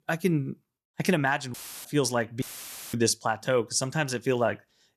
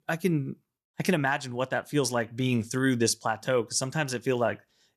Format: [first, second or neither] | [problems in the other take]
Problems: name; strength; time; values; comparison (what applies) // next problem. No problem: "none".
second | audio cutting out; filled with static; at 1.5 s and at 2.5 s for 0.5 s